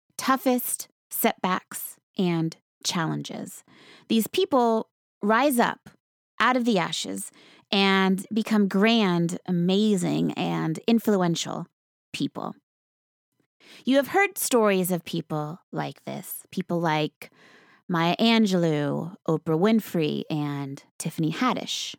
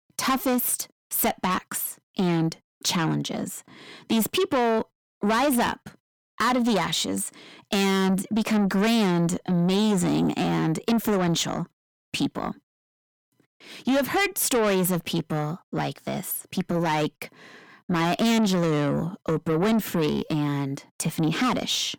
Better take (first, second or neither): first